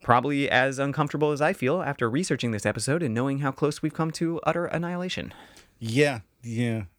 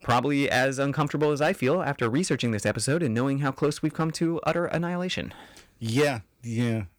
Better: first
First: none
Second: distortion; slight; 4% of the sound clipped

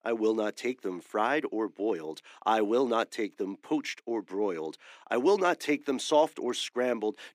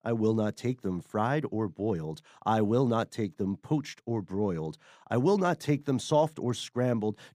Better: second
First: thin; somewhat; fading below 300 Hz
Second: none

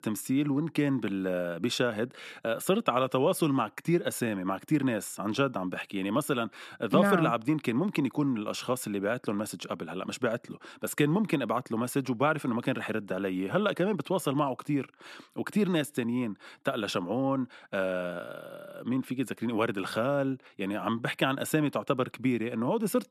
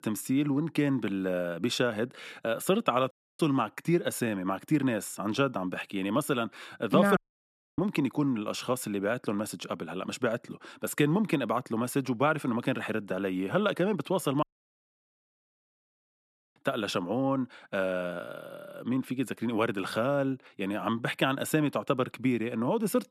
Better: first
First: none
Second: audio cutting out; at 3 s, at 7 s for 0.5 s and at 14 s for 2 s

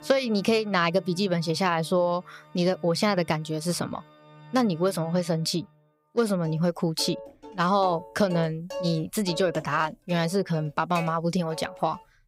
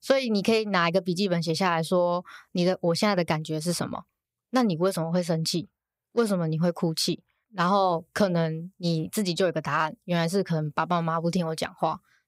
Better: second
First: background music; noticeable; throughout; 15 dB below the speech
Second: none

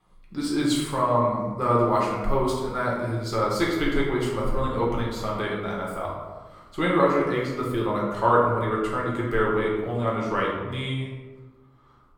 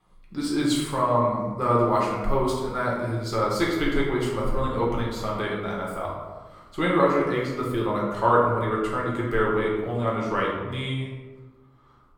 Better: neither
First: room echo; noticeable; dies away in 1 s // off-mic speech; far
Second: room echo; noticeable; dies away in 1 s // off-mic speech; far

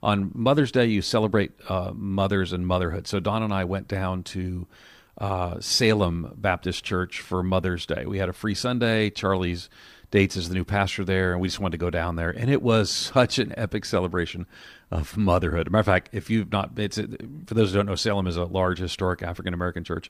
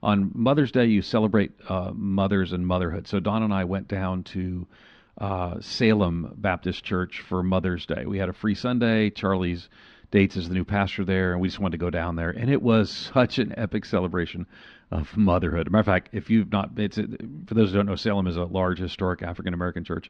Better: first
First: none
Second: muffled; very slightly; fading above 4 kHz

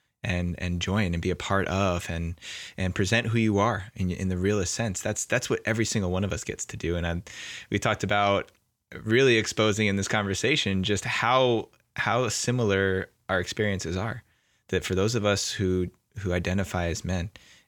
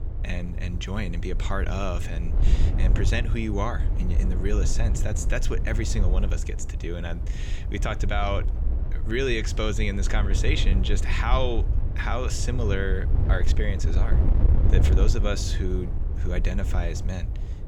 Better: first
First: none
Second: wind noise on the microphone; heavy; 10 dB below the speech

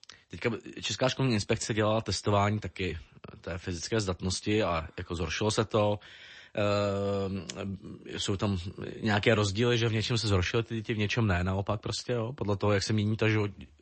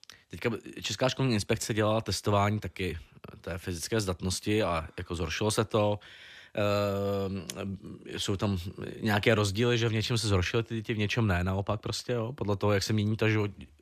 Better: second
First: garbled, watery; slightly; nothing above 8 kHz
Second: none

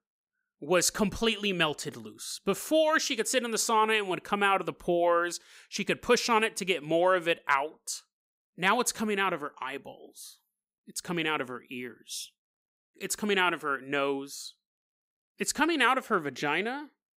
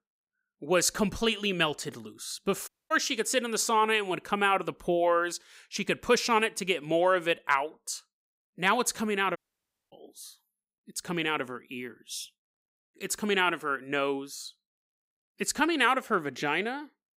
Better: first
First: none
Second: audio cutting out; at 2.5 s and at 9.5 s for 0.5 s

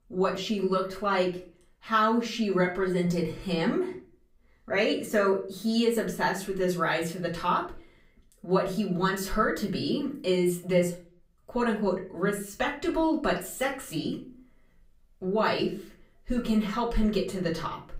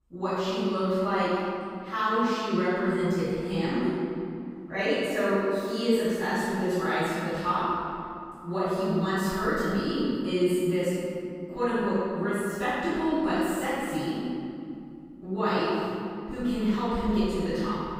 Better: first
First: room echo; slight; dies away in 0.3 s // off-mic speech; far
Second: room echo; strong; dies away in 2.6 s // off-mic speech; far

